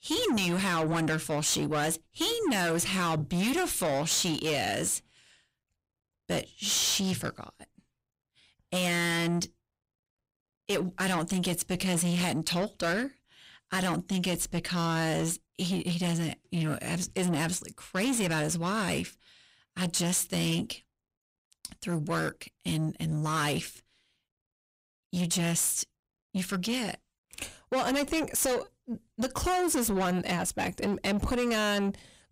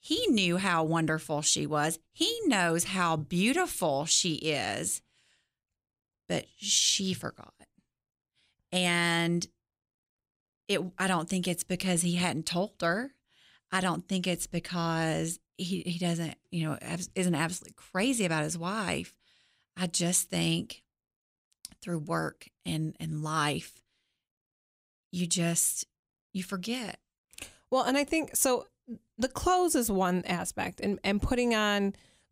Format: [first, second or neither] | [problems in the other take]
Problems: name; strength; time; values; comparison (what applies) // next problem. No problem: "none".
second | distortion; heavy; 7 dB below the speech